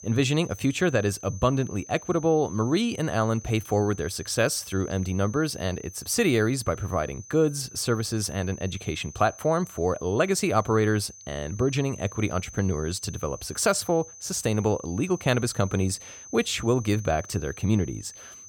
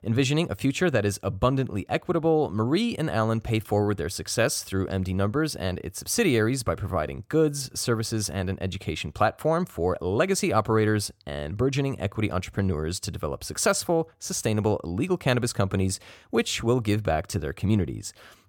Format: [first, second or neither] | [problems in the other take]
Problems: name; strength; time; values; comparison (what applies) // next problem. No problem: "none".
second | high-pitched whine; noticeable; throughout; 6 kHz, 15 dB below the speech